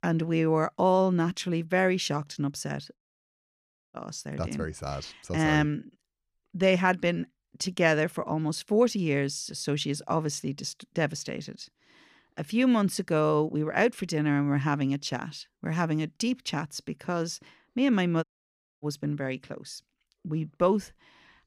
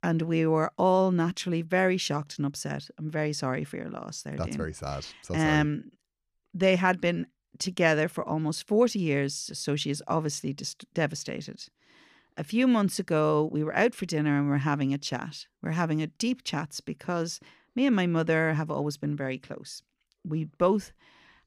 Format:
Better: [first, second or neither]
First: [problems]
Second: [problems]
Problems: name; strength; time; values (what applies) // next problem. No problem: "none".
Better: second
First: audio cutting out; at 3 s for 1 s and at 18 s for 0.5 s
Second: none